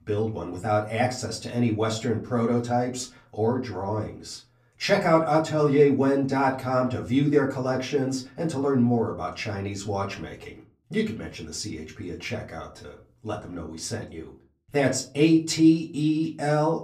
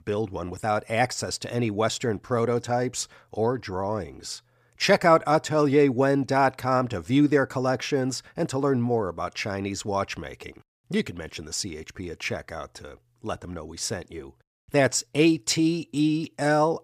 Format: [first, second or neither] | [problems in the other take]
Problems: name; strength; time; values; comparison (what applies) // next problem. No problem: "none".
second | off-mic speech; far // room echo; very slight; dies away in 0.3 s